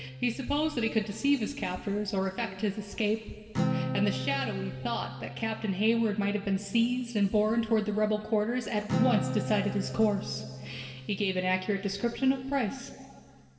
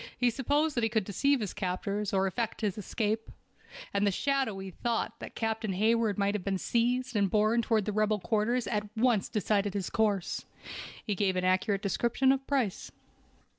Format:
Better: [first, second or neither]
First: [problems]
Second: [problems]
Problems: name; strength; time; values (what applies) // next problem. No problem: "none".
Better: second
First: background sound (Acoustic guitar); 8 dB below the speech // room echo; dies away in 2.1 s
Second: none